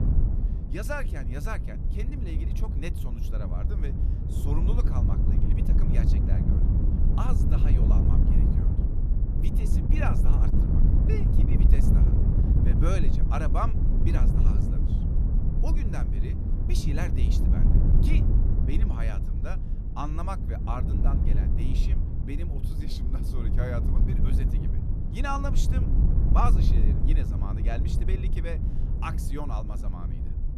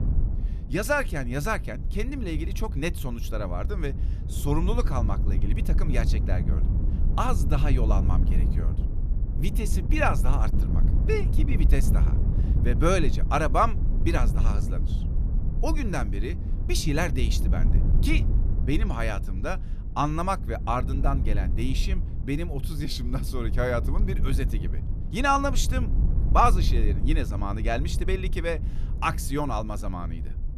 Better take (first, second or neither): second